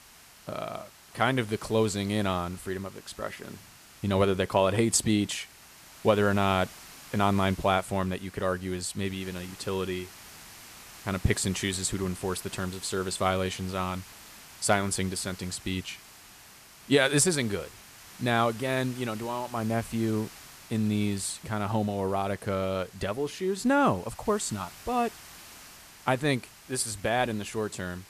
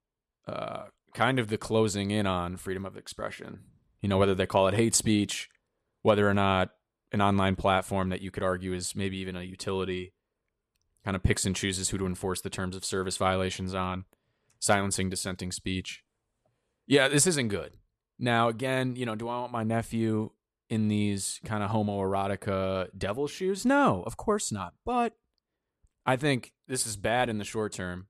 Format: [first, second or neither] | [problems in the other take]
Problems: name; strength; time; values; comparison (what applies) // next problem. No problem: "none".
second | hiss; noticeable; throughout; 20 dB below the speech